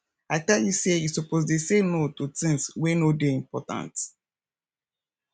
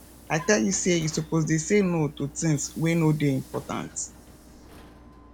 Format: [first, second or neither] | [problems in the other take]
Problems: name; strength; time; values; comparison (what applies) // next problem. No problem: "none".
first | background sound (Vehicle); 20 dB below the speech